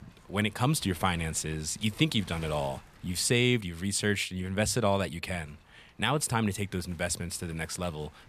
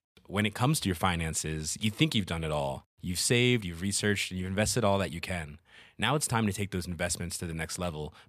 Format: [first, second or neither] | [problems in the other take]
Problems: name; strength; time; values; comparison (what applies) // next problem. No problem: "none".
second | wind noise on the microphone; occasional gusts; until 3.5 s and from 5.5 s on; 25 dB below the speech